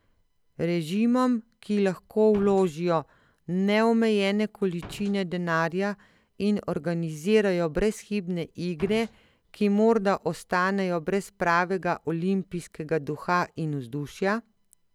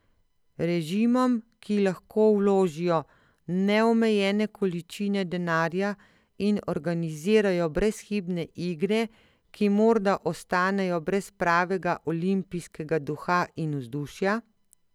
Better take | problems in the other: second | background sound (Slam); 17 dB below the speech

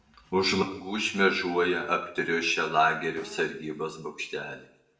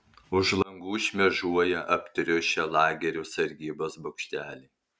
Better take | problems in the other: second | background sound (Drill); 19 dB below the speech // room echo; dies away in 0.6 s

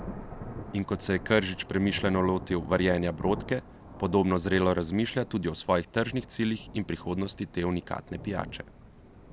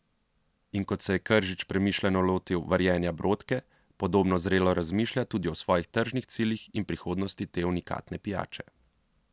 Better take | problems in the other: second | background sound (Thunder / Rain); 14 dB below the speech

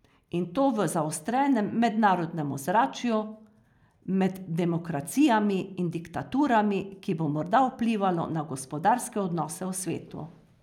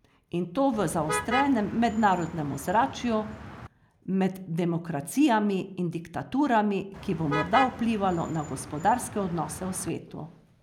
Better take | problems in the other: first | background sound (Motor vehicle (road)); 9 dB below the speech

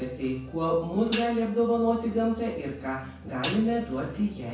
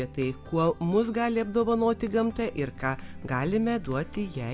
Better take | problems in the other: second | background sound (Hi-hat); 12 dB below the speech // room echo; dies away in 0.6 s

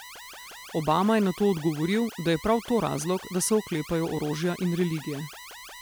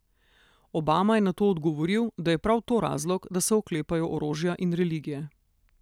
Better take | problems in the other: second | background sound (Alarm); 17 dB below the speech

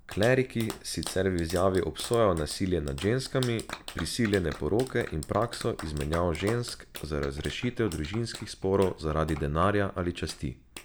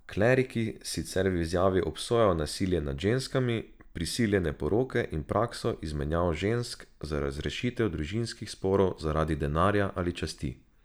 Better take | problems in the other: second | background sound (Clapping); 16 dB below the speech

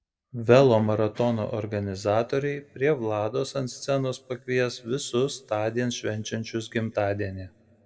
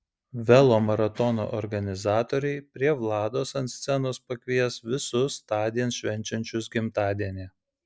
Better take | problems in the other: second | room echo; dies away in 0.6 s

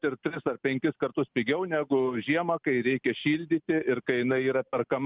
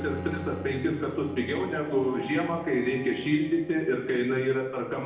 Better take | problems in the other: first | background sound (Bowed string instrument); 14 dB below the speech // room echo; dies away in 0.9 s

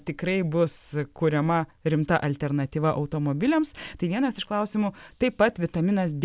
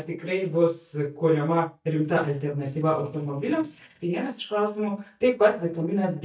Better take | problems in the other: first | noise reduction (neural mask model DeepFilterNet 3)

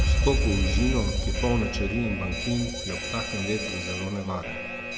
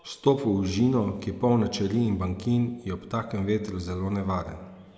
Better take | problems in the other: second | background sound (Alarm); 2 dB above the speech

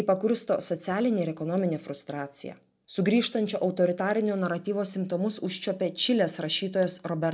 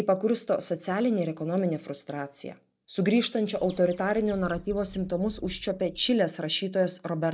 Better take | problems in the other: first | noise reduction (neural mask model DeepFilterNet 3)

